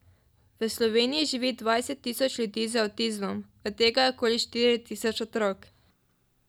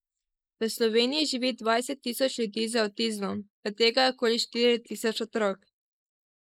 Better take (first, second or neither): first